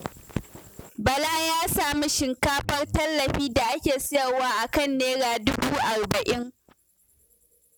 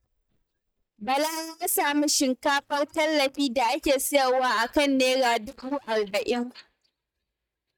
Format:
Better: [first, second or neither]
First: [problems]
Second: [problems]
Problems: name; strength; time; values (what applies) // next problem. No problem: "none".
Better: first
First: none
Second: noise reduction (neural mask model DeepFilterNet 3)